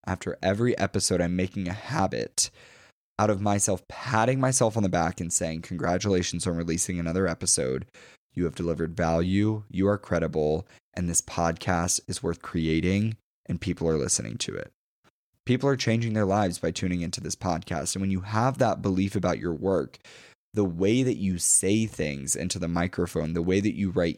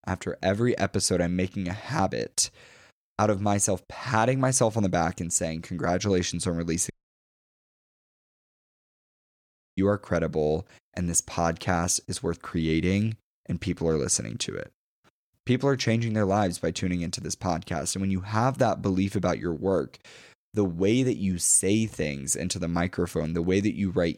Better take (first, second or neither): first